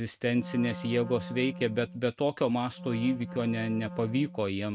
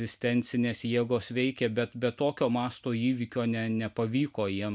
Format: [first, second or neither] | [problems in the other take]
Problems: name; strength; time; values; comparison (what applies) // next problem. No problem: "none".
second | noise reduction (neural mask model RNNoise)